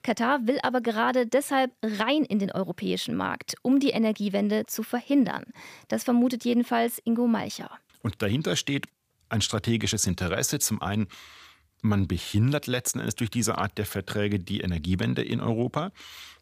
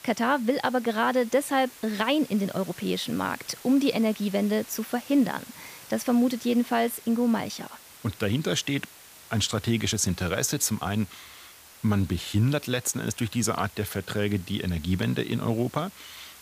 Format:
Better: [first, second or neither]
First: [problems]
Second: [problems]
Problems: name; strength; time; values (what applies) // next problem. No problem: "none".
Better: first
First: none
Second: hiss; noticeable; throughout; 20 dB below the speech